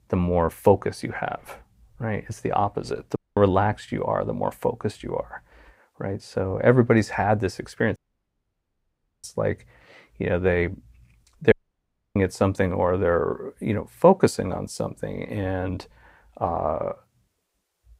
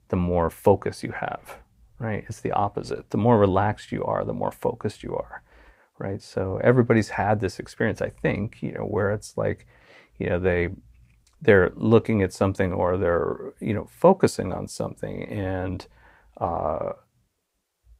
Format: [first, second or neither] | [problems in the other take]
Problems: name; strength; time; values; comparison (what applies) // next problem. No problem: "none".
second | audio cutting out; at 3 s, at 8 s for 1.5 s and at 12 s for 0.5 s